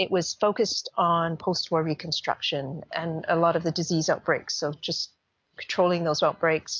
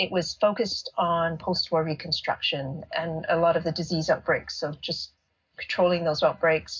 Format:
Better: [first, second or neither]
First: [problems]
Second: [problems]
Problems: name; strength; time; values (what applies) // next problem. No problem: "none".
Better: first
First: none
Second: room echo; dies away in 0.4 s